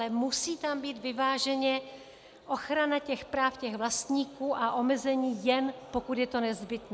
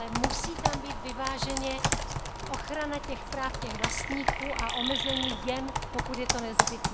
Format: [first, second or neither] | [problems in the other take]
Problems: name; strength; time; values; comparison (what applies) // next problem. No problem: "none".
first | background sound (Chirp, tweet + Computer keyboard); 4 dB above the speech